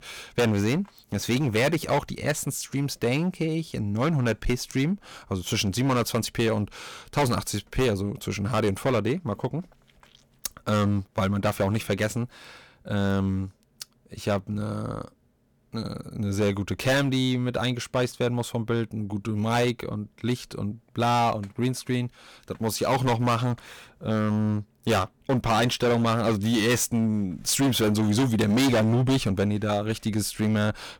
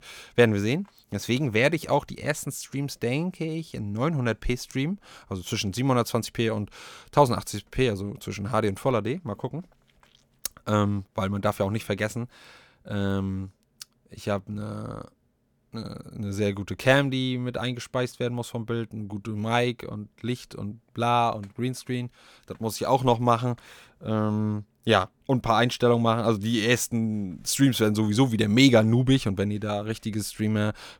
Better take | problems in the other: second | distortion; heavy; 10% of the sound clipped

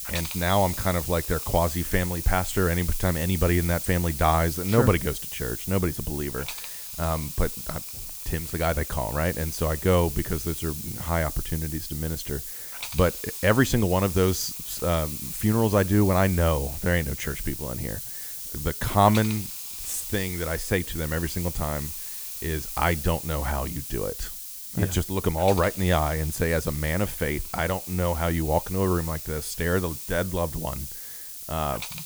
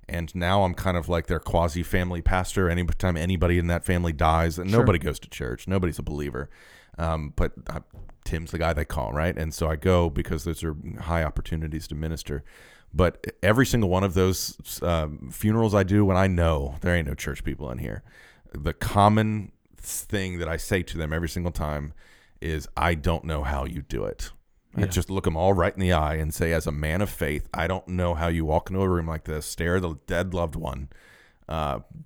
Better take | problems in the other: second | hiss; loud; throughout; 7 dB below the speech

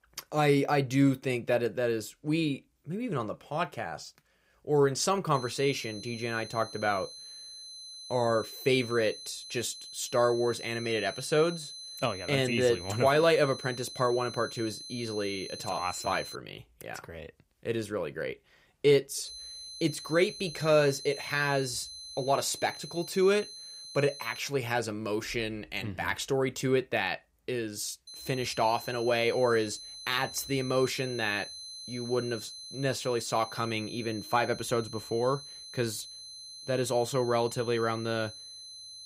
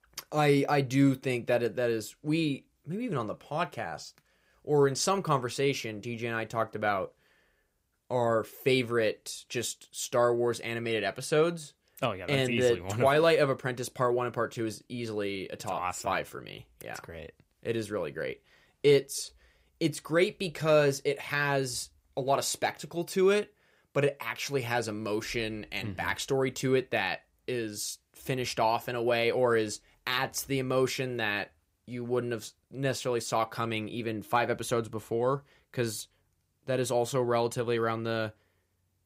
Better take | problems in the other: second | high-pitched whine; noticeable; from 5.5 to 16 s, from 19 to 24 s and from 28 s on; 4 kHz, 10 dB below the speech

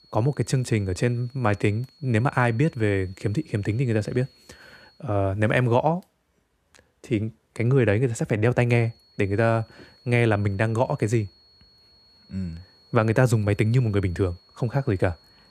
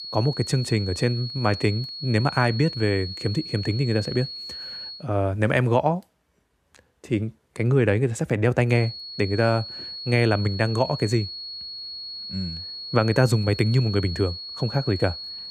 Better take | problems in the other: first | high-pitched whine; loud; until 5 s and from 9 s on; 4.5 kHz, 9 dB below the speech; faint in the first

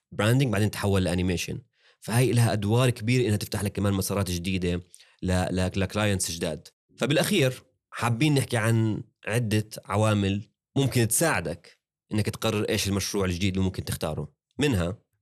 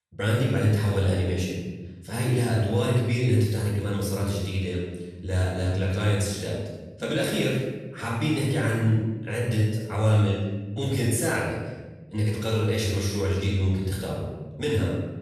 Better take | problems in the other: first | off-mic speech; far // room echo; strong; dies away in 1.2 s

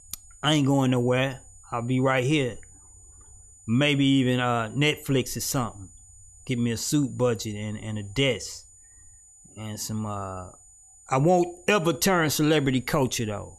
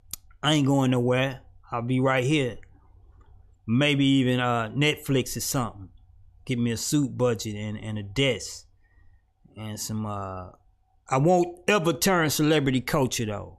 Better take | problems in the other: second | high-pitched whine; faint; throughout; 7 kHz, 25 dB below the speech

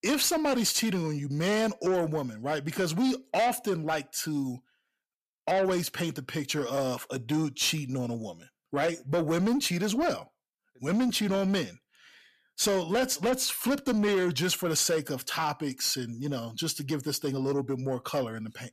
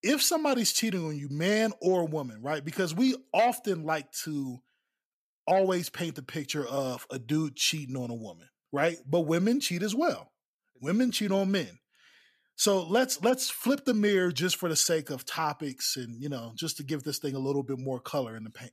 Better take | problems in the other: second | distortion; slight; 10 dB below the speech

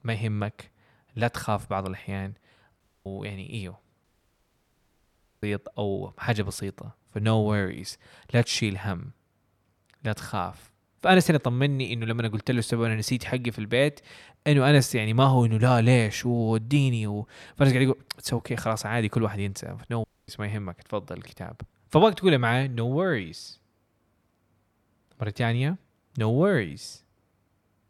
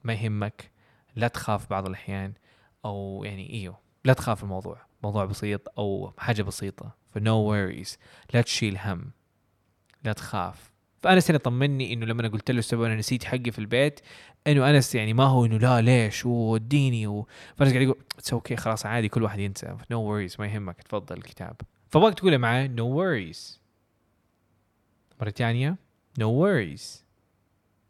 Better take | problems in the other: second | audio cutting out; at 3 s, at 4 s for 1.5 s and at 20 s

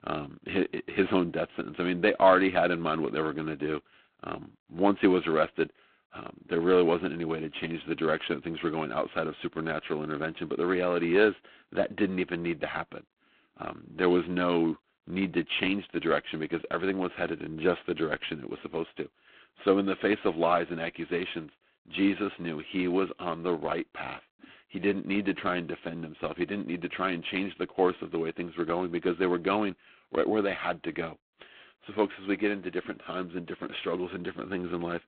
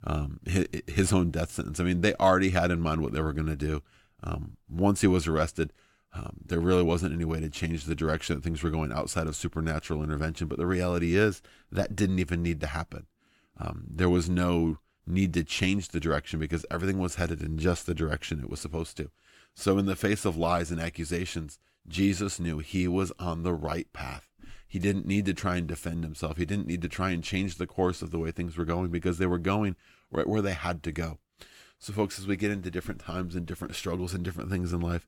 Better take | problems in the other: second | phone-call audio; poor line; nothing above 3.5 kHz

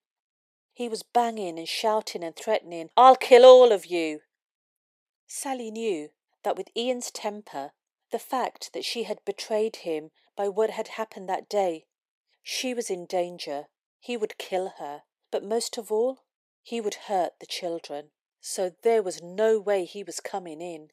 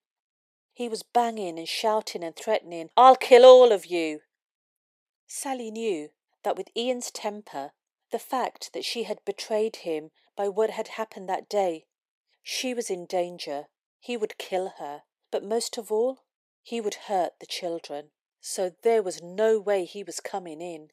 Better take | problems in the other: neither | thin; somewhat; fading below 450 Hz; the same in both

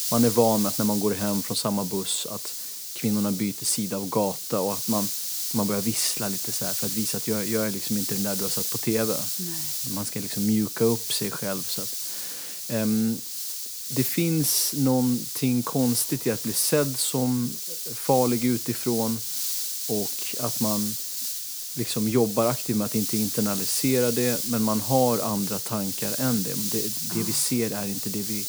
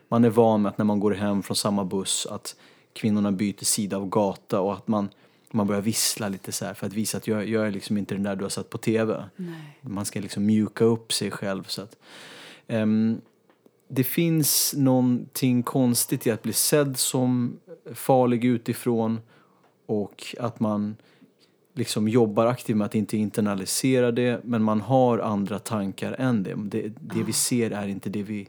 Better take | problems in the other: second | hiss; loud; throughout; 2 dB below the speech

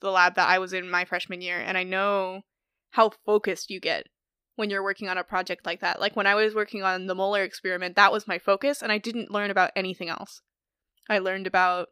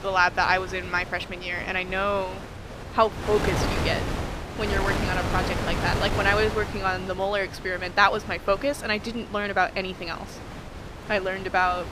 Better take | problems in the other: first | wind noise on the microphone; heavy; 9 dB below the speech

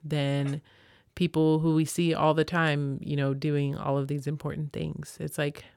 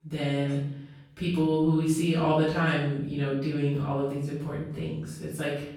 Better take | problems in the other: first | room echo; noticeable; dies away in 0.6 s // off-mic speech; far

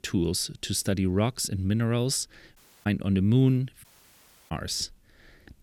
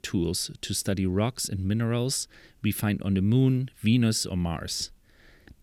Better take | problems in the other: second | audio cutting out; at 2.5 s and at 4 s for 0.5 s

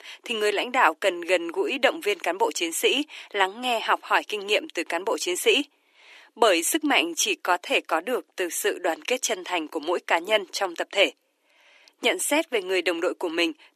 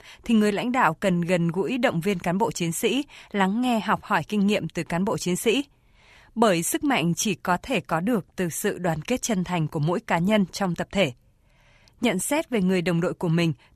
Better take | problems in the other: second | thin; very; fading below 300 Hz

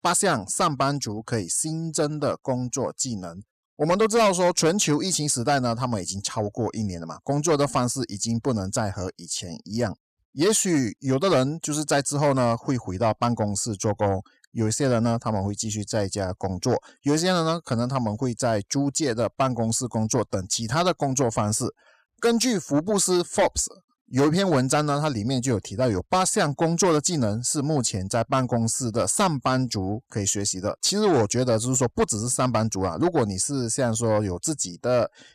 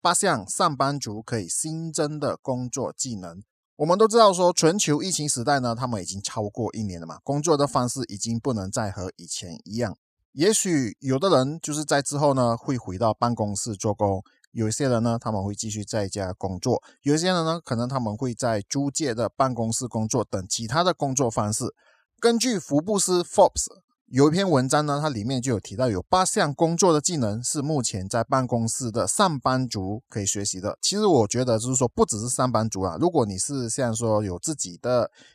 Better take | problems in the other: second | distortion; slight; 10 dB below the speech

